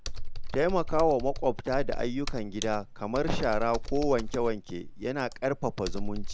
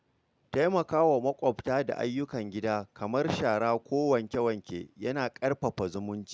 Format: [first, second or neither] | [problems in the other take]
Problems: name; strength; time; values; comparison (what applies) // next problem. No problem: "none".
second | background sound (Computer keyboard); 2 dB below the speech